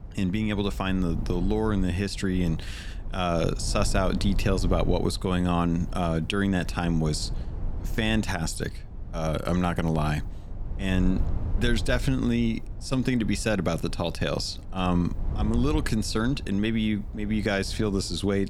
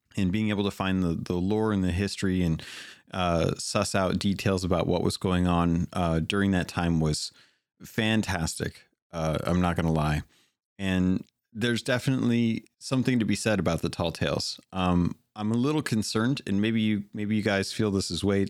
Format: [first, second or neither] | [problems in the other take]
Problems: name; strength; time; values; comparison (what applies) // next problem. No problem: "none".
second | low rumble; noticeable; throughout; 20 dB below the speech